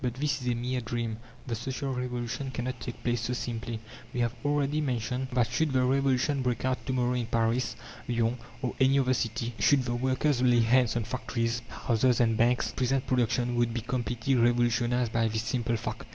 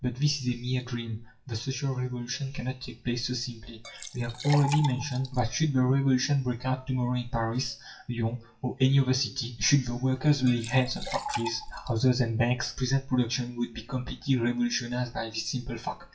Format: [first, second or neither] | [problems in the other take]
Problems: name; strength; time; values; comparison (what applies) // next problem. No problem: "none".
first | noise reduction (classical method WPE with log-MMSE)